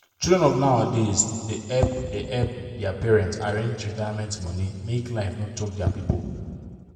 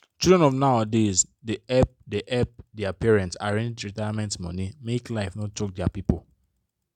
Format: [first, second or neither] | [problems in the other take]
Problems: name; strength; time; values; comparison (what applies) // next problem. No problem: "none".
second | room echo; dies away in 2 s